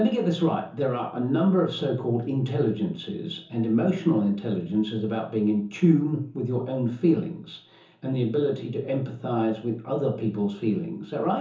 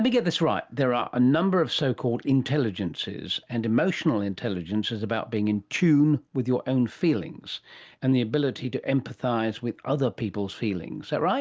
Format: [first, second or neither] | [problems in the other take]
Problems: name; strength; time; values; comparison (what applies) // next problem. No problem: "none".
second | room echo; dies away in 0.6 s